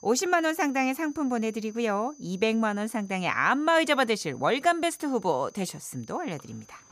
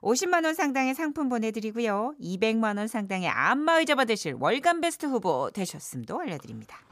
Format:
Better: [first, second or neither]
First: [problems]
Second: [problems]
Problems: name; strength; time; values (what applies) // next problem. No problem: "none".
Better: second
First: high-pitched whine; faint; throughout; 6 kHz, 25 dB below the speech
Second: none